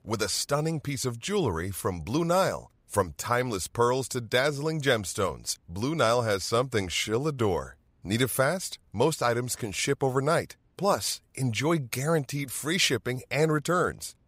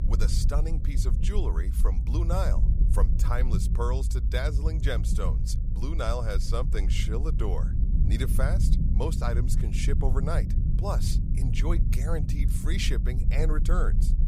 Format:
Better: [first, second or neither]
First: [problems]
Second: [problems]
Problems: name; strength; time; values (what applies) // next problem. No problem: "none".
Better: first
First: none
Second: low rumble; loud; throughout; 7 dB below the speech